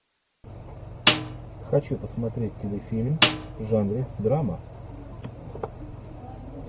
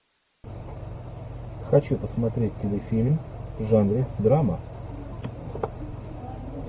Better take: second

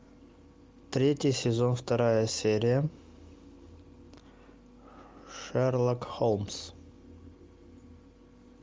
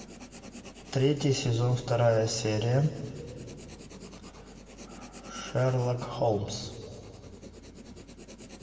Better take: first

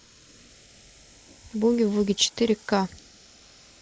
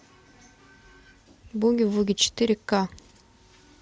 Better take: second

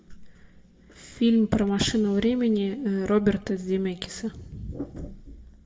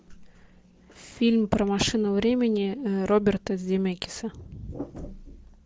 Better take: second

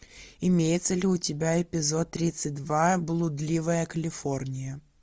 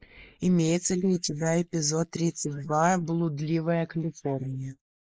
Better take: first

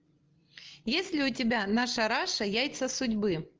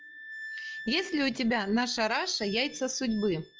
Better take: first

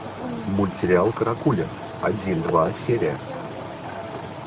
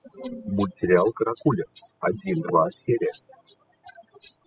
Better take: first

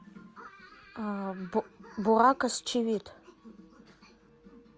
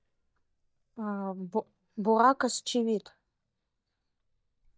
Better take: first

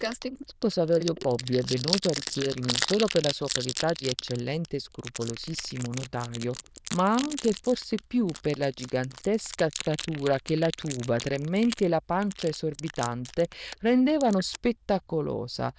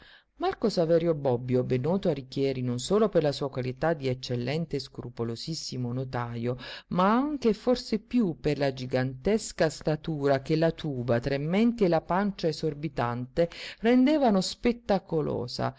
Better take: second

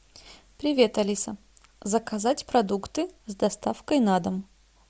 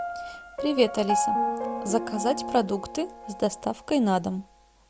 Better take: first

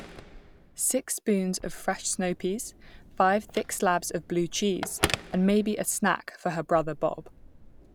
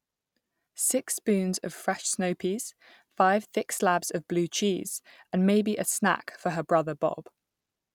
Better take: second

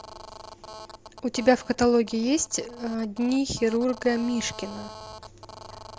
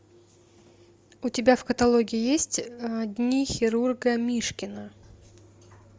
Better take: second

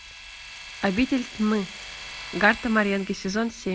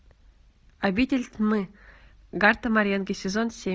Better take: second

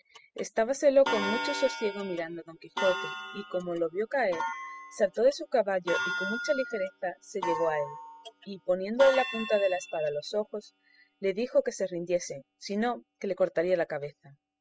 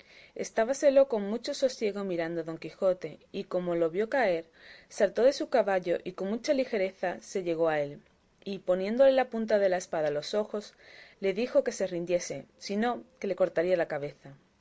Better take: second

